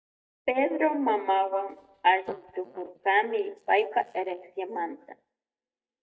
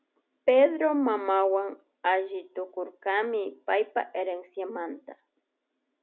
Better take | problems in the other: second | noise reduction (neural mask model DeepFilterNet 3)

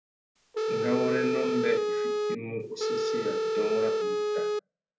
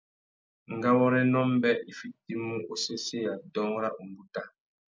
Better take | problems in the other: second | background sound (Telephone); 5 dB above the speech // room echo; dies away in 0.3 s

